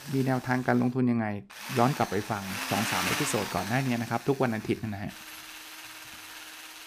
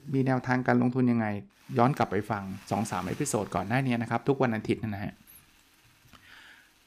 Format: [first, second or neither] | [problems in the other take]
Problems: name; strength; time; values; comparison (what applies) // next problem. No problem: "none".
second | machinery noise; loud; throughout; 6 dB below the speech; faint in the second